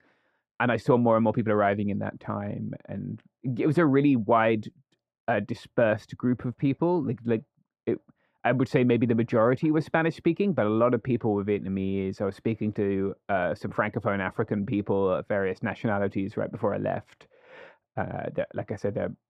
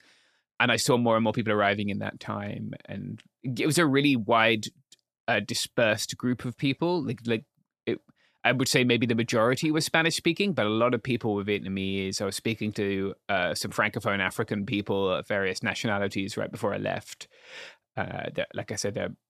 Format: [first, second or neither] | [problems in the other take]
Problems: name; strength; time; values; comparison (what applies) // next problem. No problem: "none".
second | muffled; very; fading above 2.5 kHz